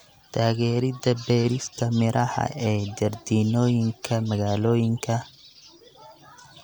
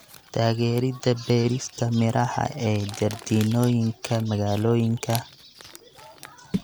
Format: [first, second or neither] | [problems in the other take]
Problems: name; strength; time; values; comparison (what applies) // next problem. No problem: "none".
first | background sound (Crumpling, crinkling); 17 dB below the speech